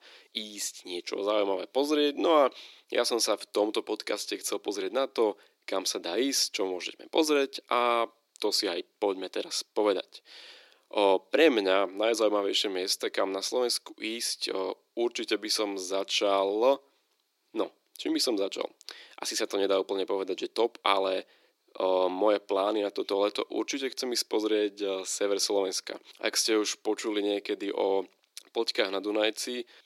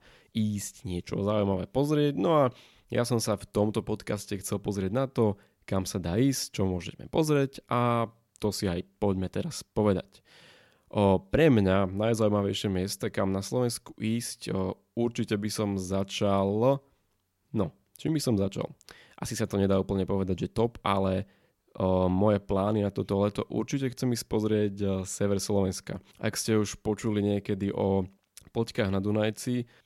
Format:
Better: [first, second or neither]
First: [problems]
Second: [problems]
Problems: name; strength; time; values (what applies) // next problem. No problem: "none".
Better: second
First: thin; somewhat; fading below 300 Hz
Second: none